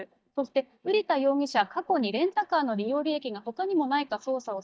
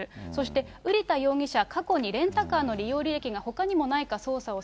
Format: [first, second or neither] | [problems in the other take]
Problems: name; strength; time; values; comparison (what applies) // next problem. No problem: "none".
second | noise reduction (neural mask model DeepFilterNet 3)